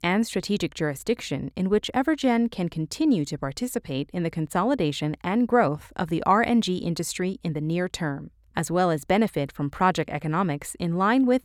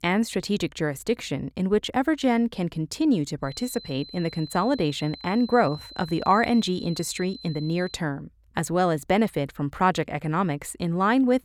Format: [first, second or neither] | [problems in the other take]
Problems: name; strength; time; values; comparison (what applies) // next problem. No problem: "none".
first | high-pitched whine; noticeable; from 3.5 to 8 s; 4 kHz, 15 dB below the speech